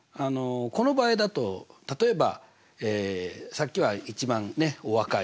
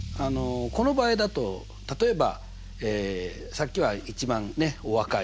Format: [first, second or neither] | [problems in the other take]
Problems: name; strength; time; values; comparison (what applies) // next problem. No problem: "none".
first | background sound (Engine starting / Accelerating, revving, vroom / Car); 12 dB below the speech